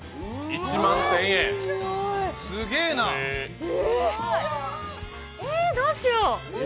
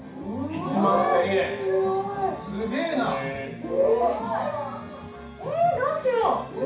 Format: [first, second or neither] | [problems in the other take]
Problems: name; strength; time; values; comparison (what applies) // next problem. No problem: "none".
first | room echo; dies away in 0.6 s